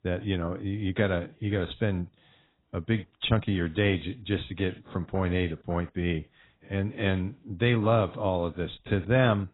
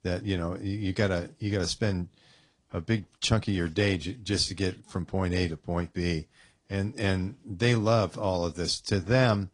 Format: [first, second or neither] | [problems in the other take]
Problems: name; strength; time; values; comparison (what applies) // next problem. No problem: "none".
second | garbled, watery; badly; nothing above 4 kHz; slightly in the second